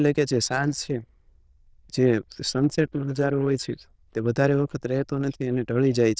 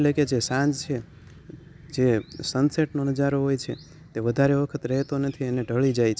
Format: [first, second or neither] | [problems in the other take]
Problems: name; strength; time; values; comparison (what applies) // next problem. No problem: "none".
second | noise reduction (neural diffusion model UNIVERSE++)